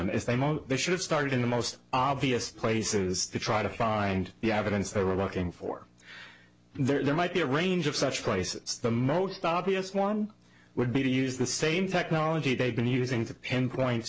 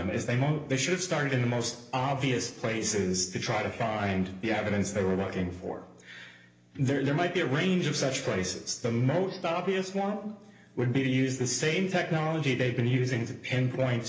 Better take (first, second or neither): first